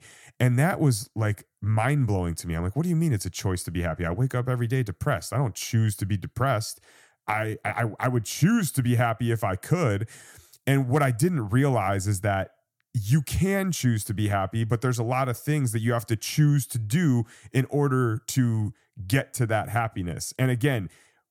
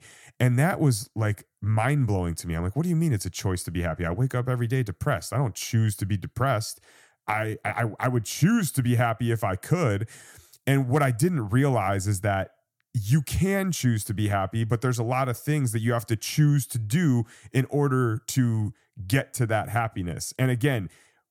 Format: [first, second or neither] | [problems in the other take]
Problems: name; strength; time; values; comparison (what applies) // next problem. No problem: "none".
neither | none